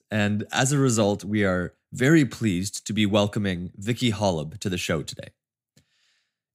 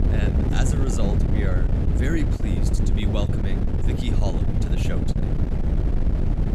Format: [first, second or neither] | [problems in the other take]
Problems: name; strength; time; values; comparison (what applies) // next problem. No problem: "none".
first | wind noise on the microphone; heavy; as loud as the speech